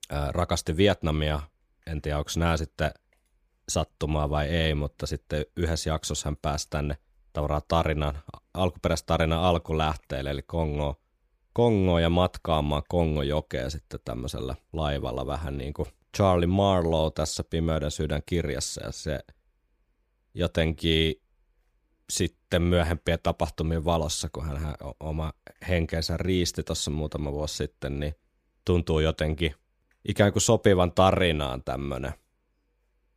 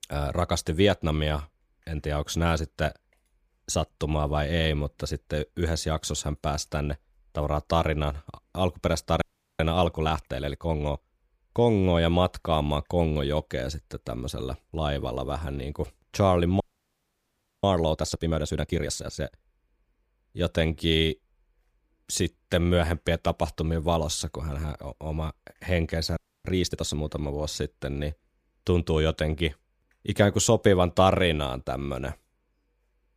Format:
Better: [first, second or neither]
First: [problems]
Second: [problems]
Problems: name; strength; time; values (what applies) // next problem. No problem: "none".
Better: first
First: none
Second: audio freezing; at 9 s, at 17 s for 1 s and at 26 s